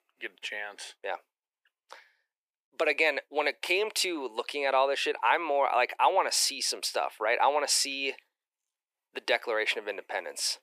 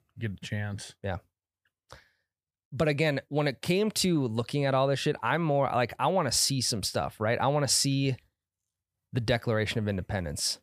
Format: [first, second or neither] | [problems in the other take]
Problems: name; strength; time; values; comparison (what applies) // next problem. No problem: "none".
second | thin; very; fading below 350 Hz